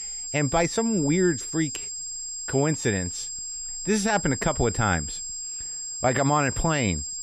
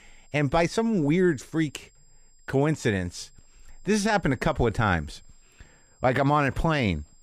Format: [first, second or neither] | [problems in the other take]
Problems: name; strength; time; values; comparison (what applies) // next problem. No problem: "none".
second | high-pitched whine; loud; throughout; 7.5 kHz, 5 dB below the speech; faint in the second